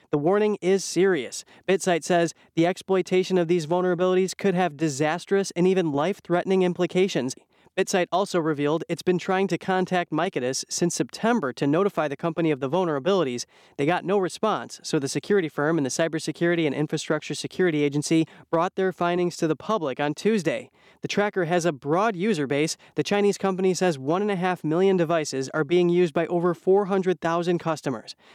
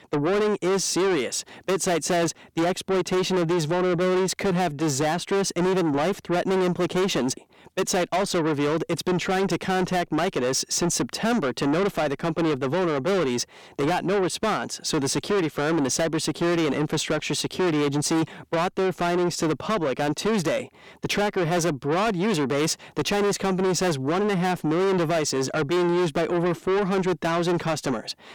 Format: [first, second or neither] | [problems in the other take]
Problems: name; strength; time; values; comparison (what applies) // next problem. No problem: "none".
first | distortion; heavy; 6 dB below the speech